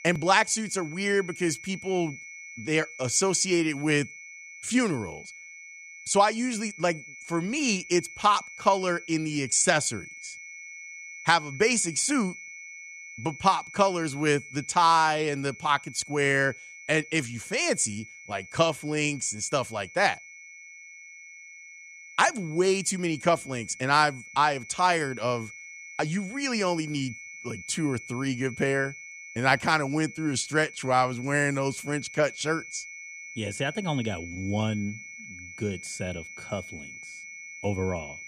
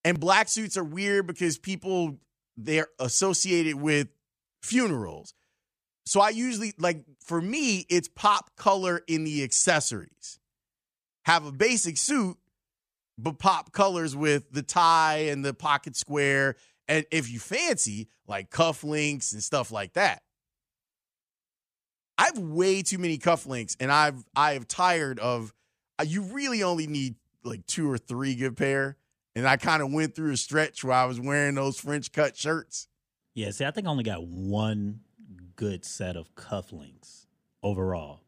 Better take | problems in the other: second | high-pitched whine; noticeable; throughout; 2 kHz, 15 dB below the speech

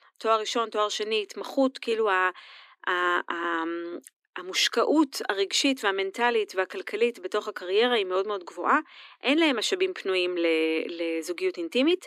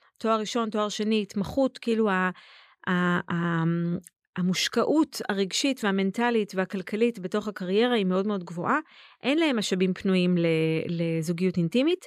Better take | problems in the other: second | thin; somewhat; fading below 250 Hz

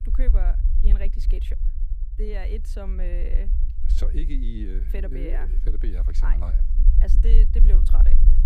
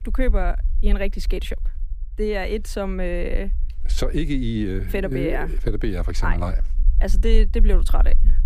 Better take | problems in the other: second | low rumble; loud; throughout; 7 dB below the speech; faint in the second

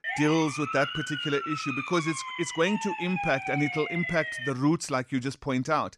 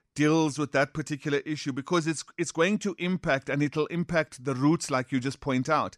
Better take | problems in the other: second | siren; noticeable; until 4.5 s; peak 2 dB below the speech

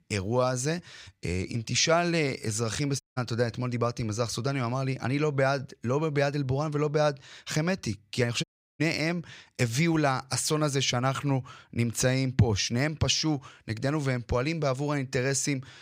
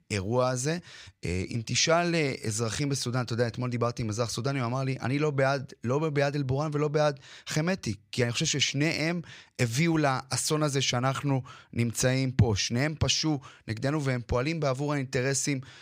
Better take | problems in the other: second | audio cutting out; at 3 s and at 8.5 s

